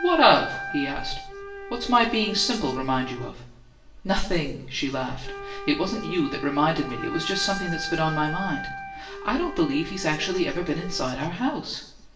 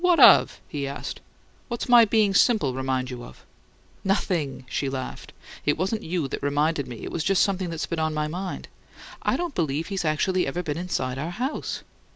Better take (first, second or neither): second